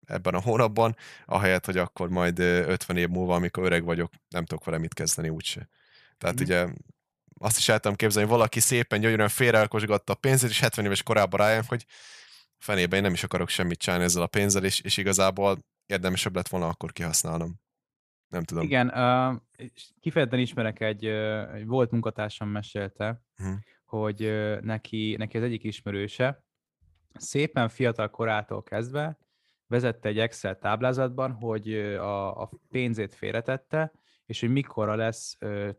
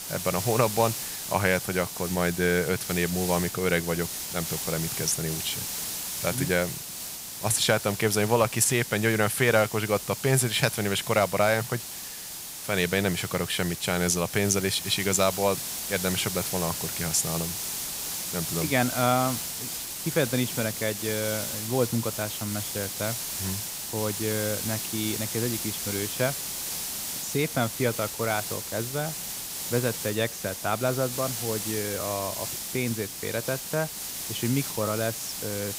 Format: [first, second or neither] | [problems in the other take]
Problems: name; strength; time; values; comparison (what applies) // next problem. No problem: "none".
first | hiss; loud; throughout; 4 dB below the speech